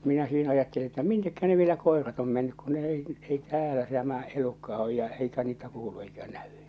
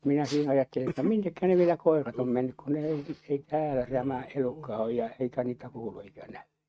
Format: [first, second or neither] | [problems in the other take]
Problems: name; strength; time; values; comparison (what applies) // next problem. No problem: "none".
first | noise reduction (neural mask model RNNoise)